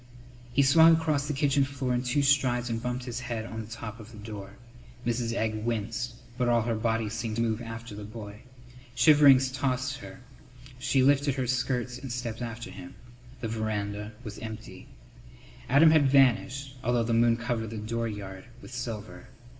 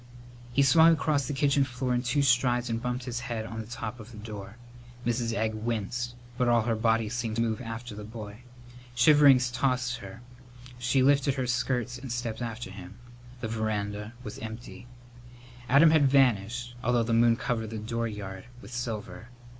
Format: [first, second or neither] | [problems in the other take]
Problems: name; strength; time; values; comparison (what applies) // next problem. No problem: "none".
second | room echo; dies away in 1.9 s